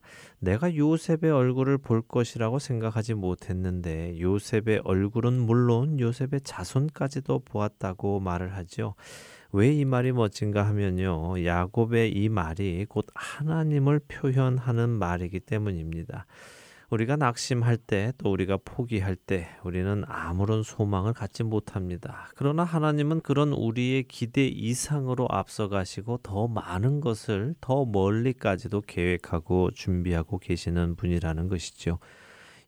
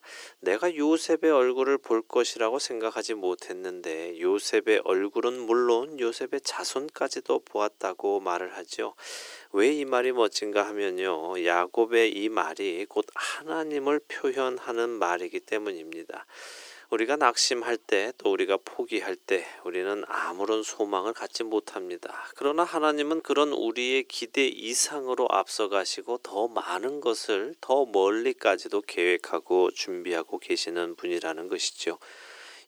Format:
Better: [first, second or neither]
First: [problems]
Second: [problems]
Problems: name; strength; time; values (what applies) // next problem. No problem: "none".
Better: first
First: none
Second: thin; very; fading below 350 Hz